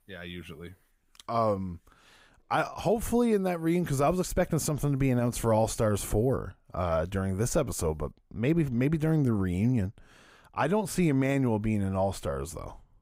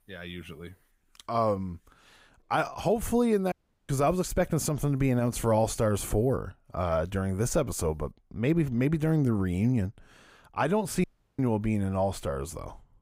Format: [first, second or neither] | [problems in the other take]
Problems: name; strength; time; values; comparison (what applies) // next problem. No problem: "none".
first | audio cutting out; at 3.5 s and at 11 s